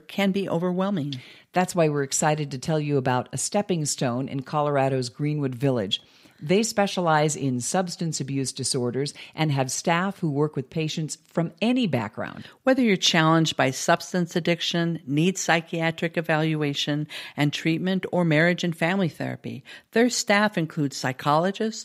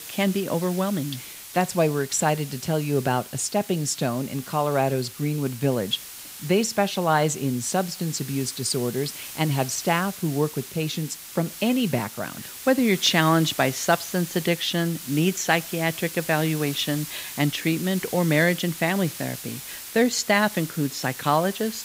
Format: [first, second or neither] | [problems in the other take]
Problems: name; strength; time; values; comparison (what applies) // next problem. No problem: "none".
first | hiss; noticeable; throughout; 10 dB below the speech